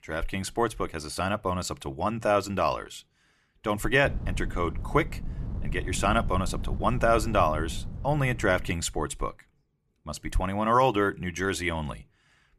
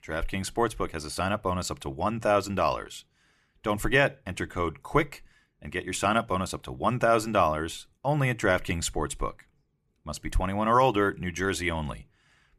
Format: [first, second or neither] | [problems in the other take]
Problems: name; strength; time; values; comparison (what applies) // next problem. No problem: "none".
second | wind noise on the microphone; occasional gusts; from 4 to 8.5 s; 20 dB below the speech